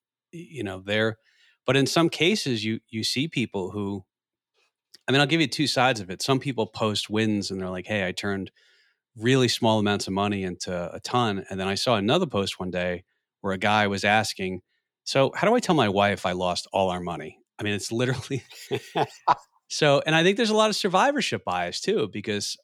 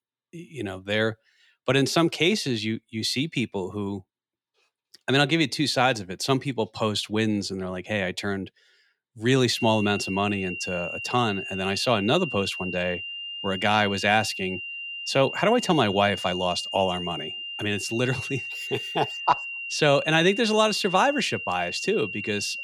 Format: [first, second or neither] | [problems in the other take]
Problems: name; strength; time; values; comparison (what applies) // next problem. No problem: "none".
first | high-pitched whine; loud; from 9.5 s on; 3 kHz, 7 dB below the speech